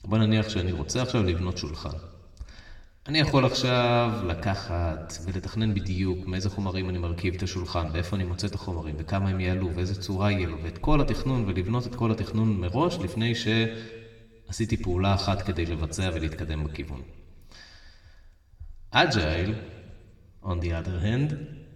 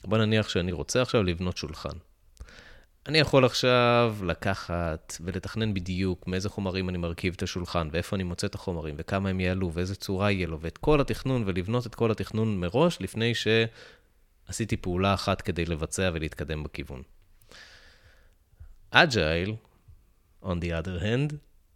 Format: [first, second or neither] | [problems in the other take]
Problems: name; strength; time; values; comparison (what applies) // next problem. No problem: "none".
second | room echo; slight; dies away in 1.2 s // off-mic speech; somewhat distant